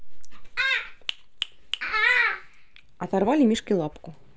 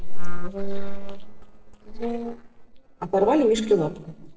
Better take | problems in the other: first | noise reduction (neural separator model SepFormer DNS4)

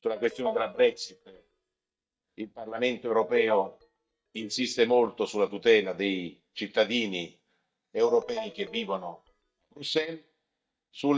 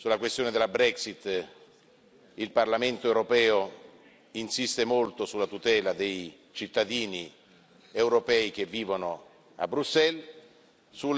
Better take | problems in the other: second | noise reduction (neural mask model DeepFilterNet 3)

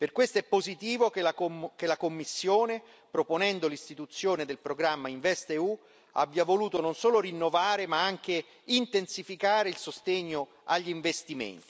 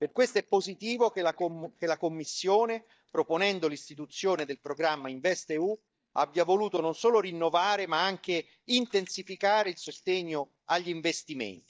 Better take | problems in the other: first | noise reduction (neural mask model DeepFilterNet 3)

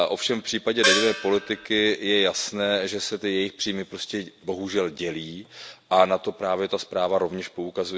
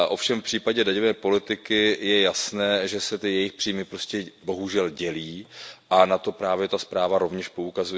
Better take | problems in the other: second | background sound (Gong); as loud as the speech

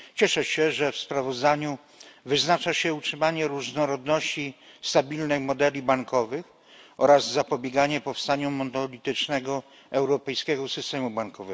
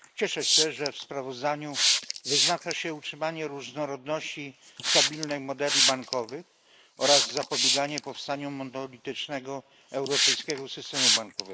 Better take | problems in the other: first | noise reduction (neural mask model Resemble Enhance denoiser)

